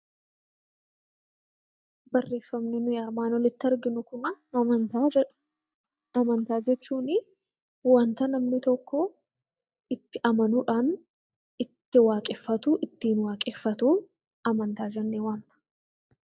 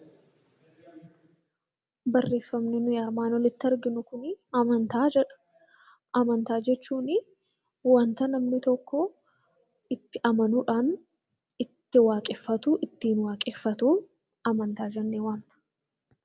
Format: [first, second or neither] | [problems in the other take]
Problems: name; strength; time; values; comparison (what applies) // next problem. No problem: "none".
second | noise reduction (neural mask model DeepFilterNet 3)